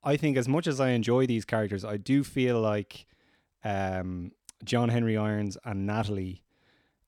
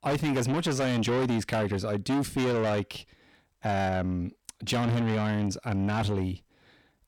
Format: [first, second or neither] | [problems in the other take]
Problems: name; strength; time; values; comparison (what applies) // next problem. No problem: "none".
first | distortion; heavy; 6 dB below the speech